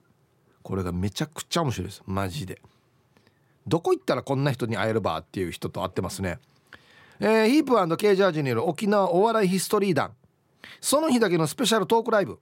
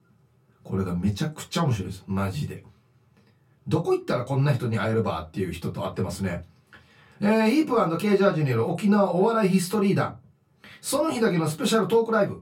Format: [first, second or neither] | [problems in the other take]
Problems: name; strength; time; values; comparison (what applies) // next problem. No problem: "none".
first | off-mic speech; far // room echo; very slight; dies away in 0.2 s